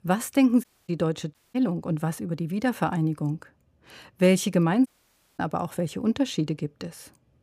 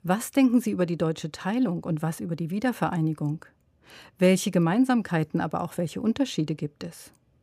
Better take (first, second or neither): second